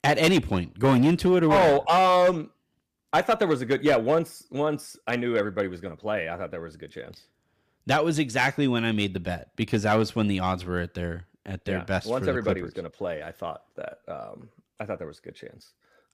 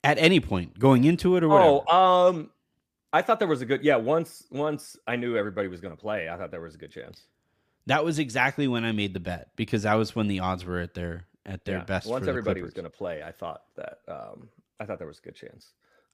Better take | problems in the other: second | distortion; slight; 4% of the sound clipped

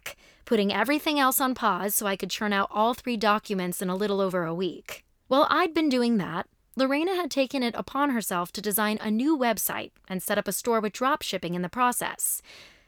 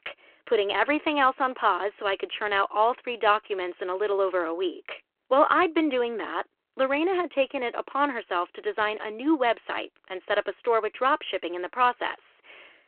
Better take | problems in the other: first | phone-call audio

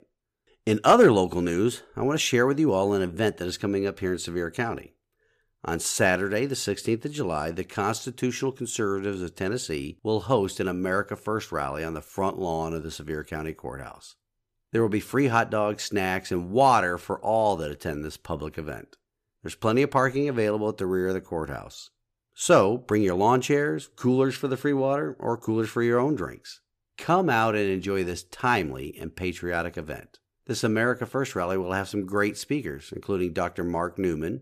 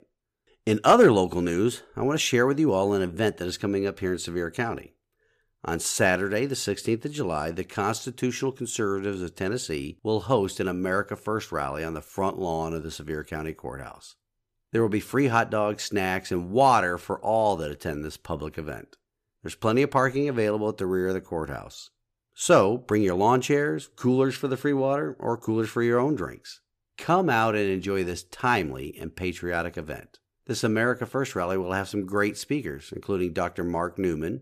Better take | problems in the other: neither | none

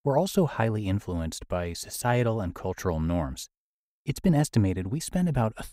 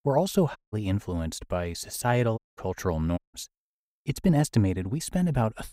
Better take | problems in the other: first | audio cutting out; at 0.5 s, at 2.5 s and at 3 s

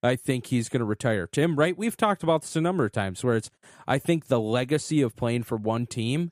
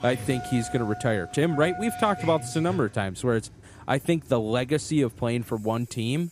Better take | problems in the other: first | traffic noise; noticeable; throughout; 10 dB below the speech

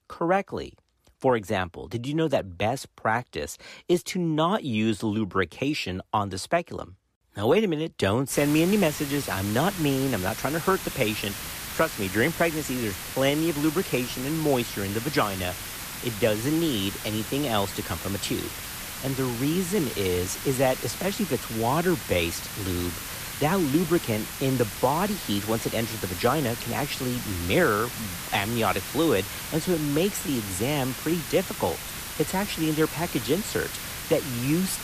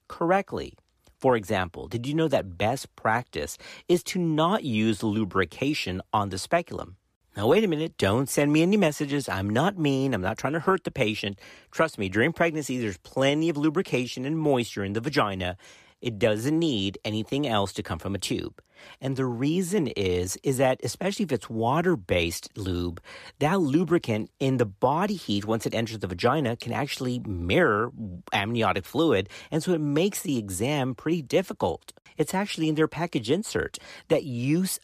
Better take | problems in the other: second | hiss; loud; from 8.5 s on; 7 dB below the speech

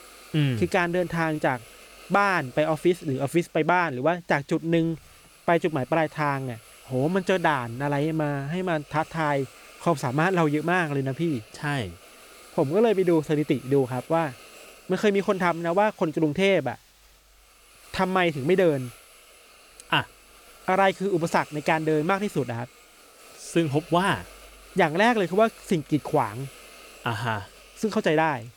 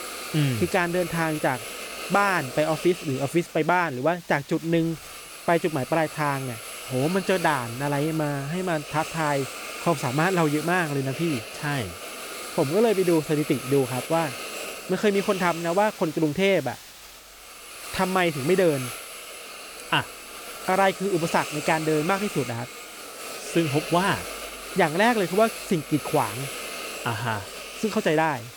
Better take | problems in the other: first | hiss; loud; throughout; 10 dB below the speech; faint in the first

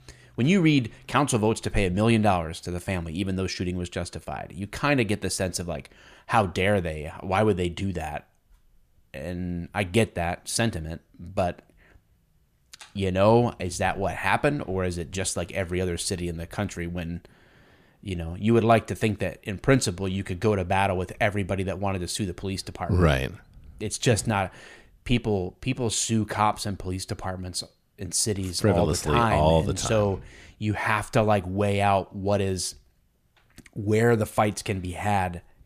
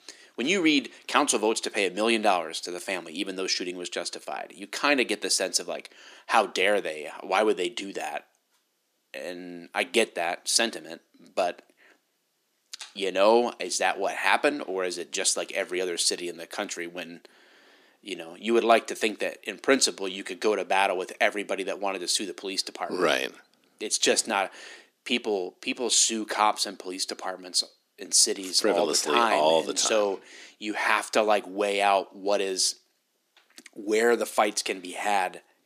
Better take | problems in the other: first | thin; somewhat; fading below 250 Hz

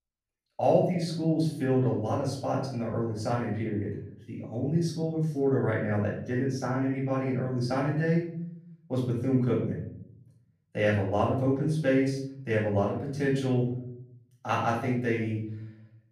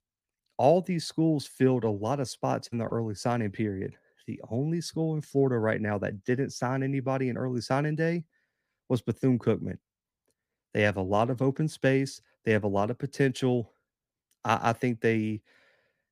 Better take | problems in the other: second | off-mic speech; far // room echo; noticeable; dies away in 0.7 s

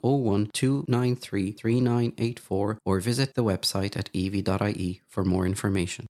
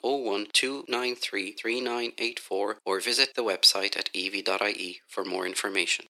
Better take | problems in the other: first | thin; very; fading below 350 Hz

